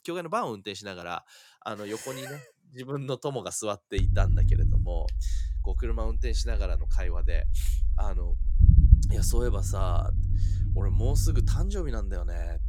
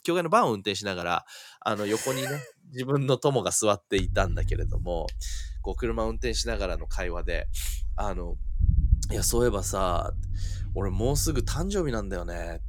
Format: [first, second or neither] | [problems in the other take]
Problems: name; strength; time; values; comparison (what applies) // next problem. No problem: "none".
second | low rumble; loud; from 4 s on; 9 dB below the speech; faint in the second